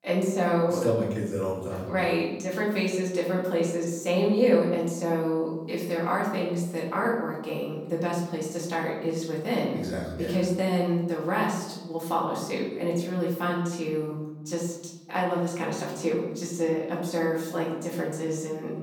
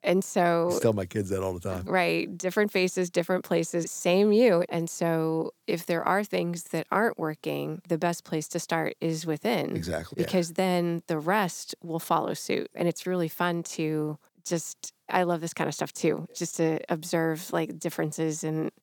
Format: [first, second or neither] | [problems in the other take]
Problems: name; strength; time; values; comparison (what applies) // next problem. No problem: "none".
second | off-mic speech; far // room echo; noticeable; dies away in 0.9 s